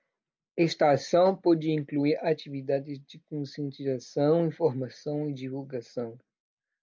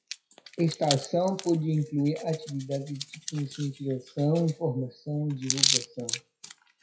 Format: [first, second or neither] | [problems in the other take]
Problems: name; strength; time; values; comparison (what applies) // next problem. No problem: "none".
first | noise reduction (classical method WPE with log-MMSE)